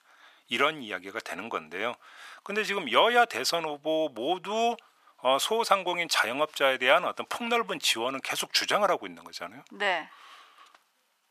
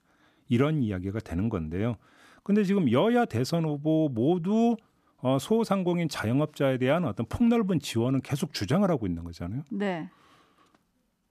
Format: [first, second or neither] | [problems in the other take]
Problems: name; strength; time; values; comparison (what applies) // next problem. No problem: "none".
second | thin; very; fading below 900 Hz